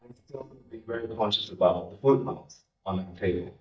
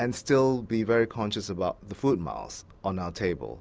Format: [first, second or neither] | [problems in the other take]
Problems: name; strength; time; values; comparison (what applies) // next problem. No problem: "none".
second | noise reduction (neural mask model DeepFilterNet 3)